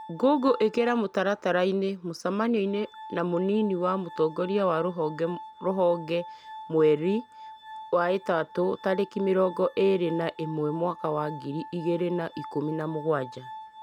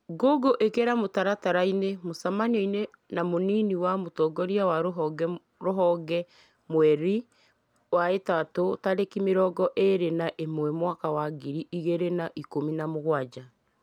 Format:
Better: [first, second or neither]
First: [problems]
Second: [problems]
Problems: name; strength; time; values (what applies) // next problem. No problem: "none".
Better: second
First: background sound (Glass); 17 dB below the speech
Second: none